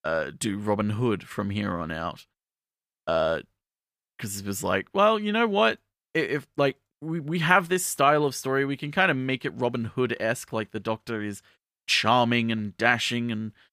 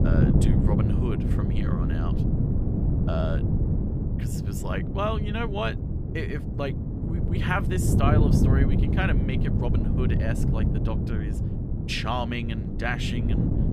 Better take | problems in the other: first | wind noise on the microphone; heavy; 3 dB below the speech

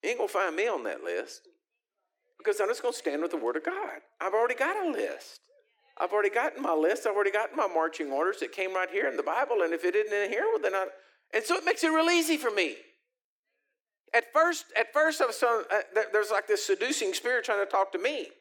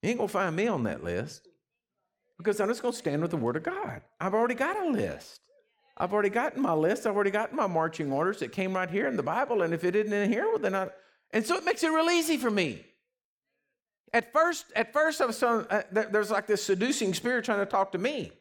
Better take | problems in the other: second | thin; somewhat; fading below 300 Hz

